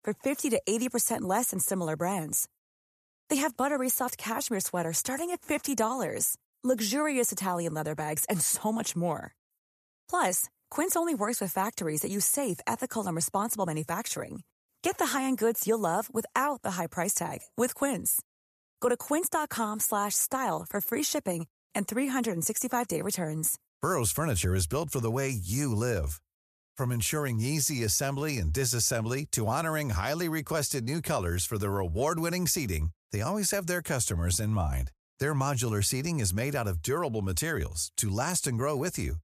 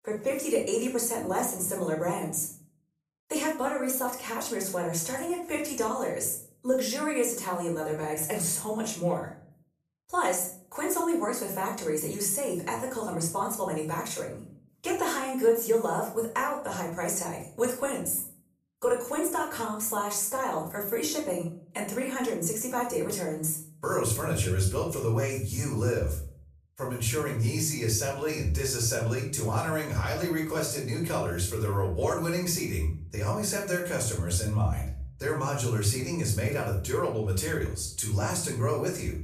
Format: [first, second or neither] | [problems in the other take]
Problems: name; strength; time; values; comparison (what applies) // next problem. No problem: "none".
first | off-mic speech; far // room echo; slight; dies away in 0.4 s